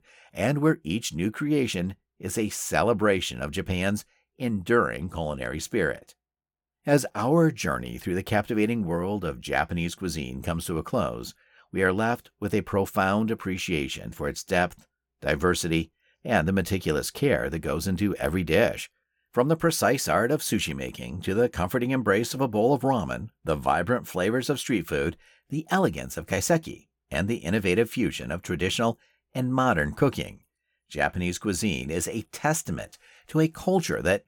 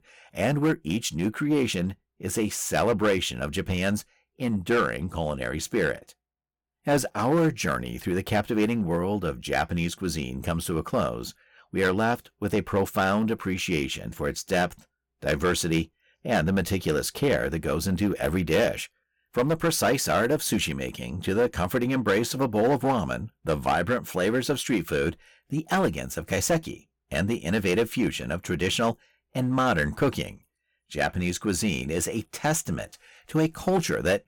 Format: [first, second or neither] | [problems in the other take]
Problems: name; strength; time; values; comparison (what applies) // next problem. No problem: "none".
first | distortion; slight; 5% of the sound clipped